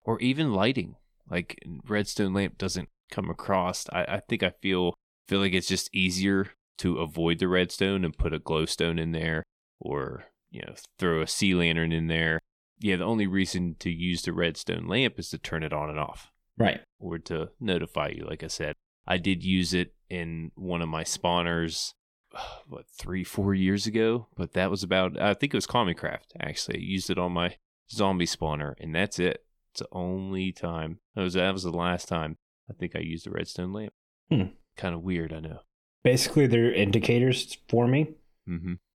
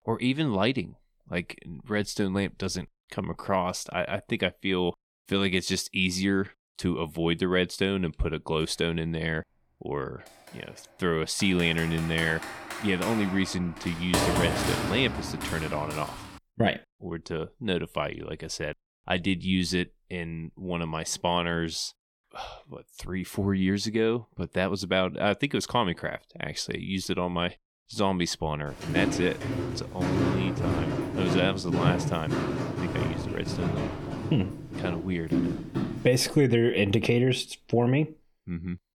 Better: first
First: none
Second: keyboard typing; loud; from 12 to 16 s; peak 3 dB above the speech // footsteps; loud; from 29 to 36 s; peak 2 dB above the speech

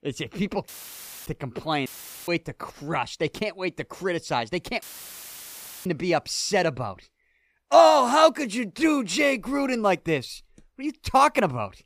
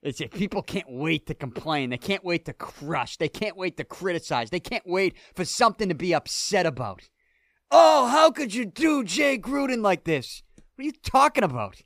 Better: second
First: audio cutting out; filled with static; at 0.5 s for 0.5 s, at 2 s and at 5 s for 1 s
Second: none

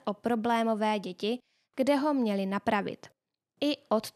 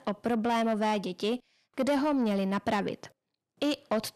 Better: first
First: none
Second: distortion; slight; 10 dB below the speech

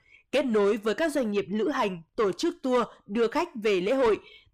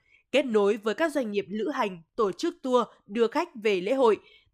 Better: second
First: distortion; slight; 10 dB below the speech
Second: none

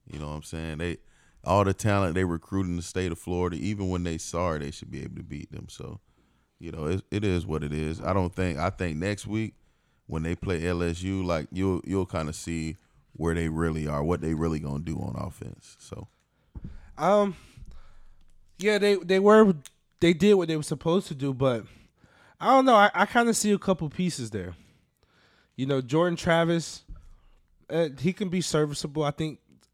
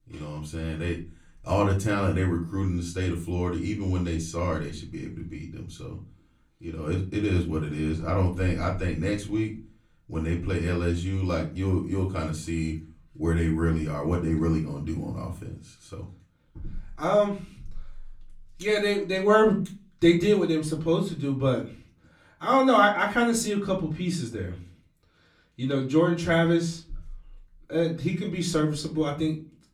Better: first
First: none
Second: off-mic speech; far // room echo; very slight; dies away in 0.3 s

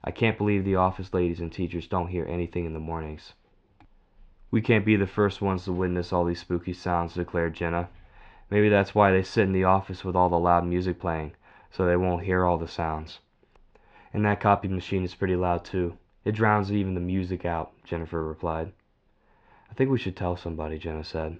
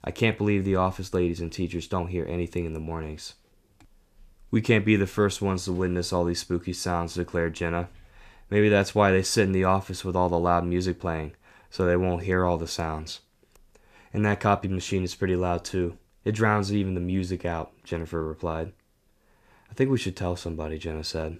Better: second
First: muffled; slightly; fading above 3.5 kHz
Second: none

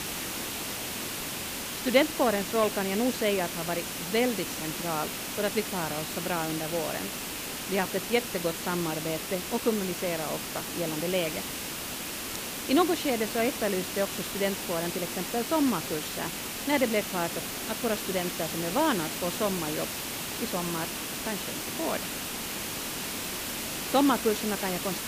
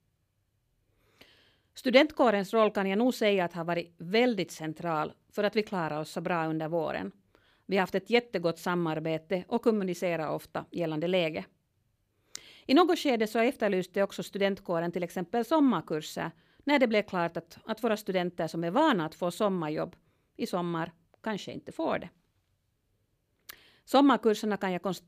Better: second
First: hiss; loud; throughout; 3 dB below the speech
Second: none

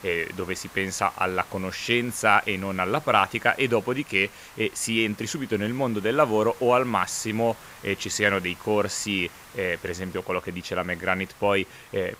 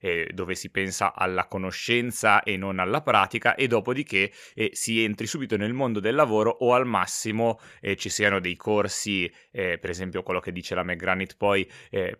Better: second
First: hiss; faint; throughout; 20 dB below the speech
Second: none

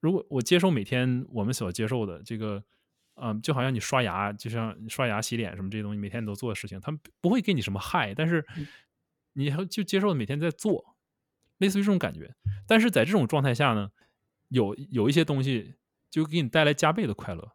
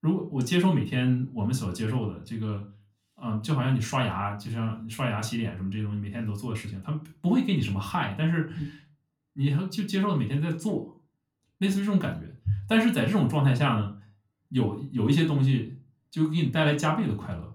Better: first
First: none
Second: off-mic speech; far // room echo; very slight; dies away in 0.3 s

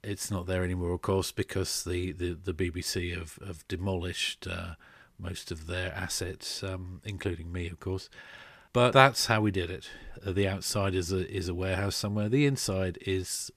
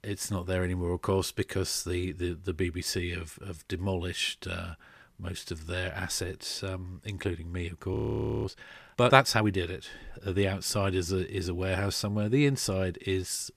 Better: first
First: none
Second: audio freezing; at 8 s

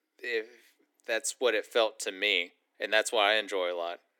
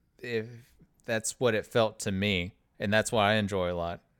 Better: second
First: thin; very; fading below 300 Hz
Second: none

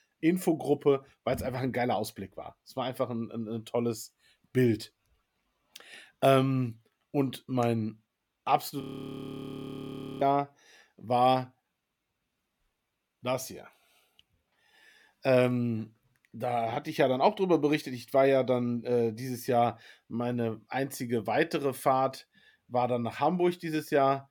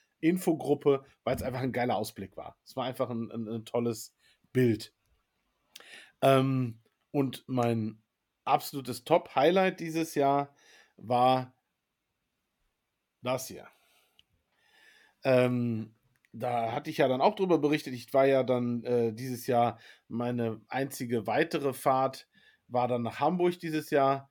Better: second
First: audio freezing; at 9 s for 1.5 s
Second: none

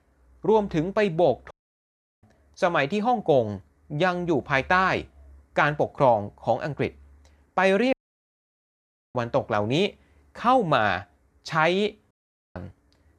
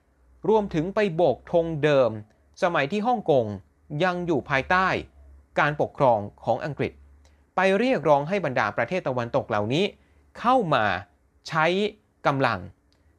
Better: second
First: audio cutting out; at 1.5 s for 0.5 s, at 8 s for 1 s and at 12 s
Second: none

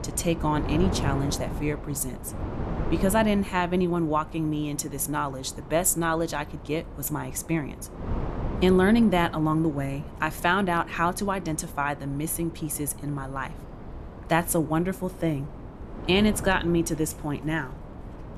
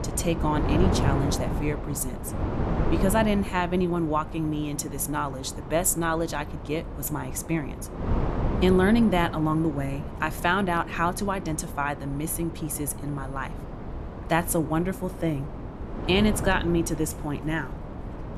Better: first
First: wind noise on the microphone; occasional gusts; 15 dB below the speech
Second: wind noise on the microphone; heavy; 9 dB below the speech

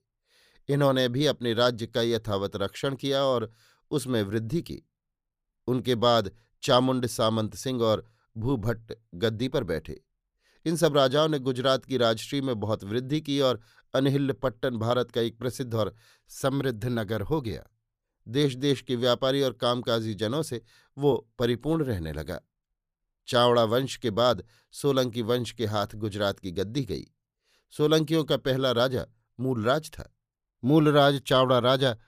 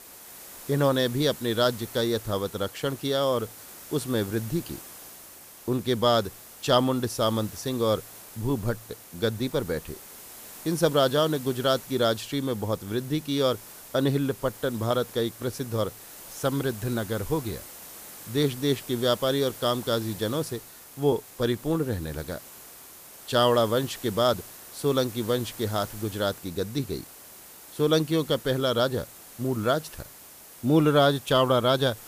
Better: first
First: none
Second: hiss; noticeable; throughout; 15 dB below the speech

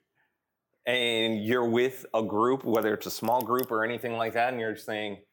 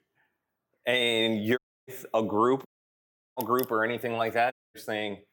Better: first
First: none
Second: audio cutting out; at 1.5 s, at 2.5 s for 0.5 s and at 4.5 s

